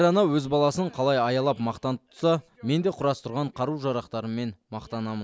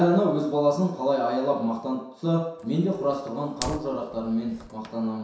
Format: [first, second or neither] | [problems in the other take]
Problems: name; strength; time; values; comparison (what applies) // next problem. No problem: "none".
first | background sound (Fire); 16 dB below the speech // room echo; dies away in 0.7 s